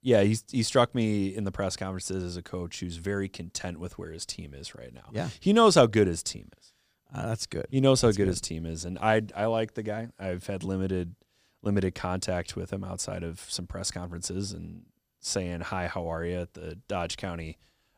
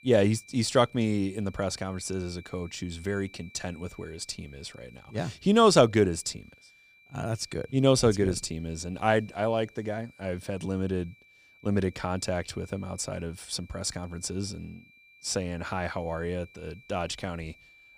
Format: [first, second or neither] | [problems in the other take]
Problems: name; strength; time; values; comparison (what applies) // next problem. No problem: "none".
first | high-pitched whine; faint; throughout; 2.5 kHz, 25 dB below the speech